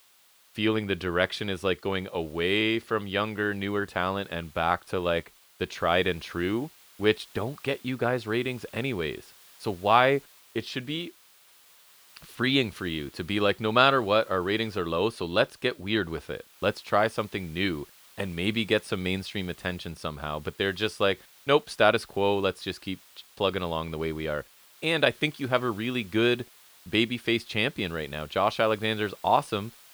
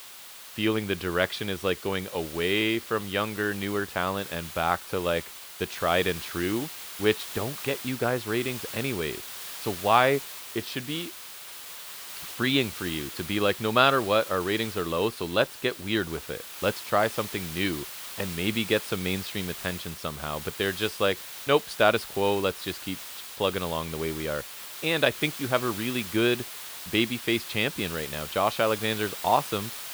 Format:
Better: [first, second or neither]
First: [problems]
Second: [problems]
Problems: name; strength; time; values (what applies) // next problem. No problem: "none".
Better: first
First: hiss; faint; throughout; 25 dB below the speech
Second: hiss; loud; throughout; 10 dB below the speech